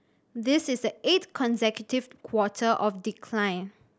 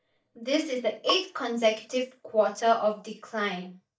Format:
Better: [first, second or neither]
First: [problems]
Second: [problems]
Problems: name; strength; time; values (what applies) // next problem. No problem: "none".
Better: first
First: none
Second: noise reduction (neural mask model DeepFilterNet 3)